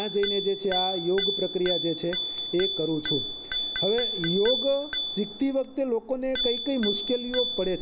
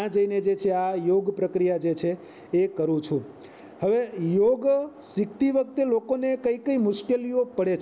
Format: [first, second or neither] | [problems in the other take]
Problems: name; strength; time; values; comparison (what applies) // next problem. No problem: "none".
second | background sound (Bicycle bell); 2 dB below the speech